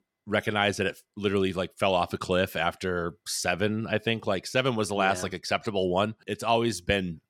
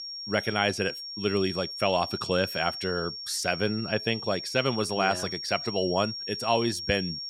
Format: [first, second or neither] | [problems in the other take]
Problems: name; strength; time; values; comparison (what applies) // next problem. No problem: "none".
first | high-pitched whine; loud; throughout; 5.5 kHz, 6 dB below the speech